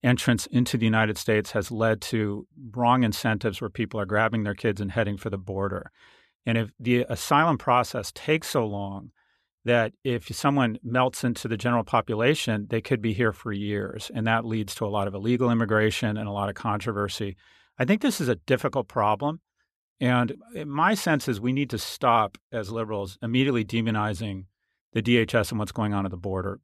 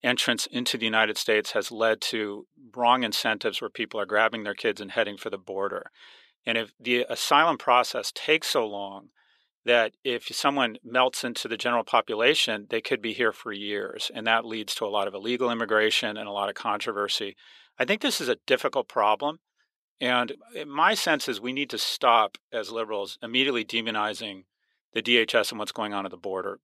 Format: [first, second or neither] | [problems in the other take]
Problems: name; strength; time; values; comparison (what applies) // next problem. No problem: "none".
first | thin; somewhat; fading below 400 Hz